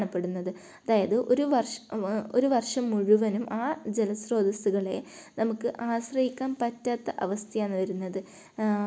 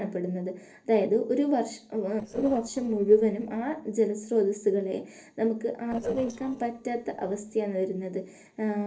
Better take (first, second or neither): first